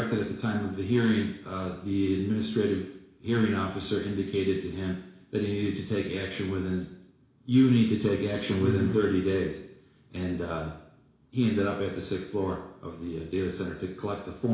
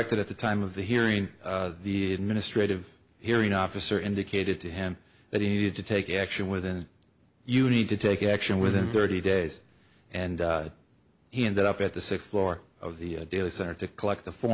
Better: second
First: room echo; dies away in 0.7 s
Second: none

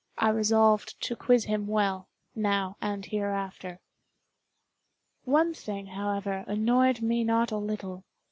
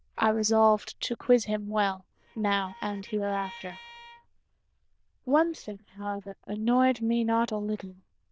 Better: first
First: none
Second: noise reduction (neural diffusion model UNIVERSE++)

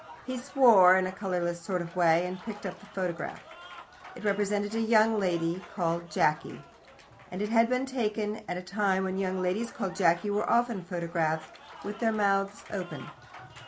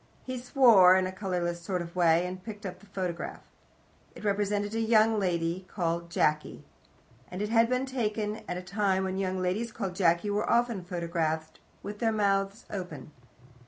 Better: second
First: background sound (Applause / Crowd); 20 dB below the speech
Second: none

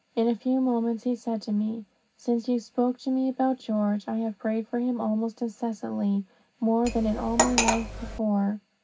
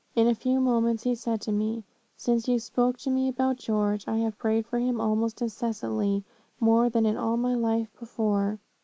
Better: second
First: background sound (Cutlery, silverware); 1 dB below the speech // room echo; dies away in 0.4 s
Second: none

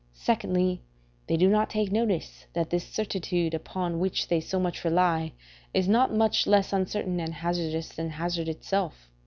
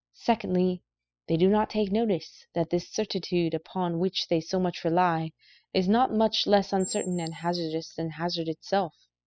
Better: first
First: none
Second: noise reduction (classical method spectral subtraction)

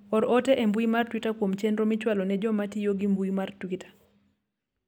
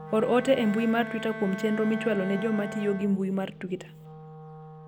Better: first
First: none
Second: background sound (Bowed string instrument + Wind instrument, woodwind instrument); 11 dB below the speech

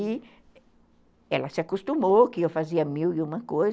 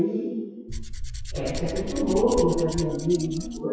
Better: first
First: none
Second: noise reduction (classical method WPE with log-MMSE)

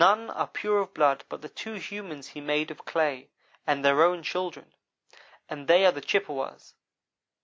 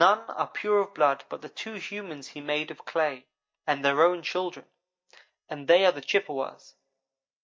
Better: first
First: none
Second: noise reduction (neural mask model DeepFilterNet 3)

